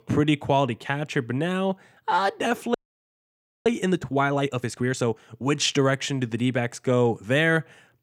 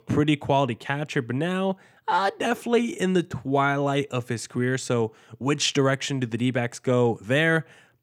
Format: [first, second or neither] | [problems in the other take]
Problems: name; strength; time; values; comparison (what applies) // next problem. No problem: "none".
second | audio freezing; at 2.5 s for 1 s